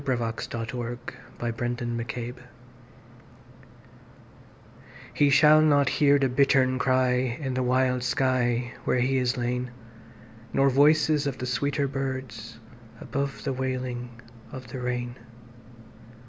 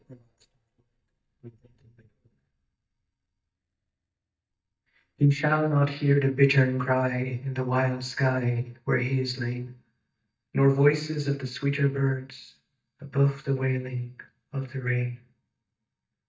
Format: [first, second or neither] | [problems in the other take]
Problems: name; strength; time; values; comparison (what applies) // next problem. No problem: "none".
first | noise reduction (neural mask model DeepFilterNet 3)